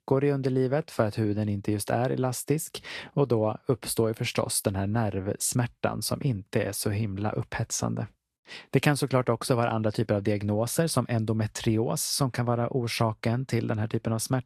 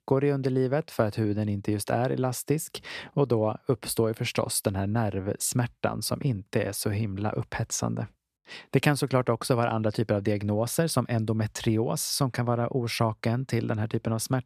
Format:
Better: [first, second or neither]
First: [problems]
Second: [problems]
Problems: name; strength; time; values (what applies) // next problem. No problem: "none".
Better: second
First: garbled, watery; slightly; nothing above 12.5 kHz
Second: none